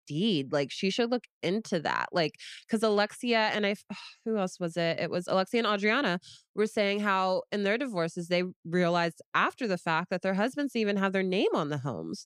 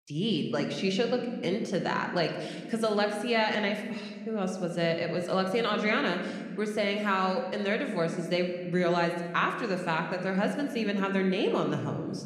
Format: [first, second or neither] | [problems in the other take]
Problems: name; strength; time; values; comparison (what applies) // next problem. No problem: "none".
first | room echo; slight; dies away in 1.5 s